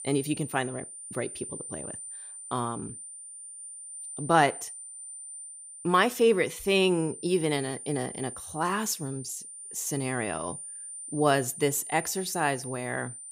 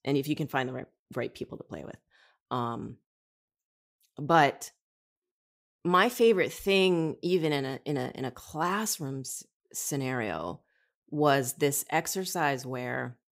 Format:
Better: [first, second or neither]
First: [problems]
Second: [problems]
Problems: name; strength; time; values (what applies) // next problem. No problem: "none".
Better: second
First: high-pitched whine; noticeable; throughout; 9 kHz, 10 dB below the speech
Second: none